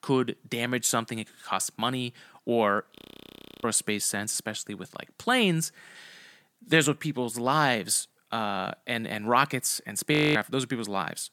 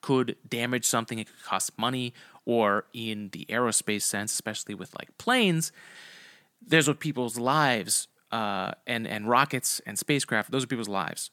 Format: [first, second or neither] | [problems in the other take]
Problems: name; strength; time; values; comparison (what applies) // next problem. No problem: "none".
second | audio freezing; at 3 s for 0.5 s and at 10 s